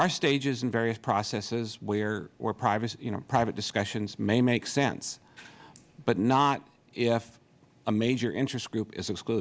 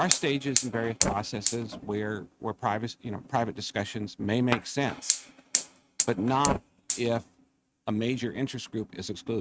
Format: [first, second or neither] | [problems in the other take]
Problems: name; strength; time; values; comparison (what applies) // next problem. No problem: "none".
first | noise reduction (neural mask model RNNoise)